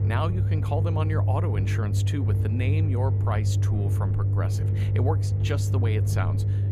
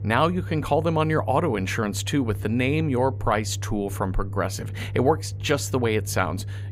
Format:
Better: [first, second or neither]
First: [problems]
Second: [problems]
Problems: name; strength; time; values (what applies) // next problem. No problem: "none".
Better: second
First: low rumble; loud; throughout; 4 dB below the speech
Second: low rumble; faint; throughout; 20 dB below the speech